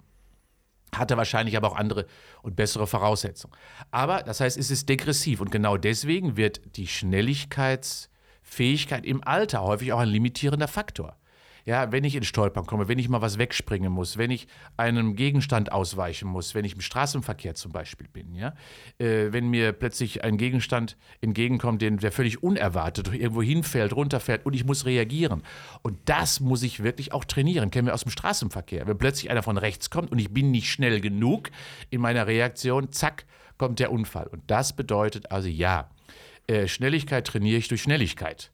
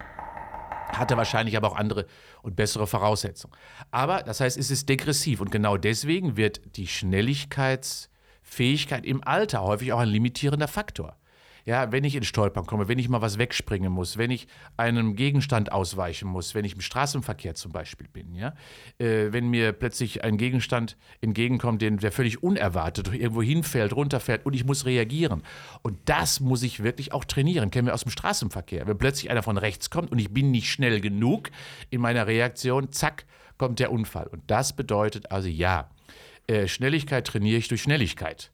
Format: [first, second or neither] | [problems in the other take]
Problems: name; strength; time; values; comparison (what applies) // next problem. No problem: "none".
first | door banging; noticeable; until 1.5 s; peak 7 dB below the speech